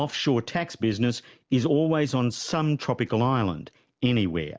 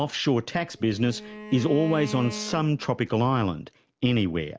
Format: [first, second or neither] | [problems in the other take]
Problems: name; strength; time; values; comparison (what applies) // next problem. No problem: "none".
first | background sound (Bowed string instrument); 14 dB below the speech